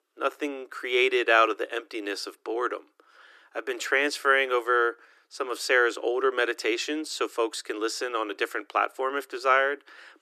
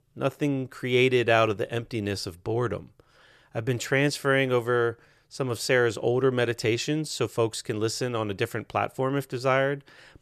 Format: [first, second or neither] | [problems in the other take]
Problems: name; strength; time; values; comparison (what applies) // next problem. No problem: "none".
second | thin; very; fading below 300 Hz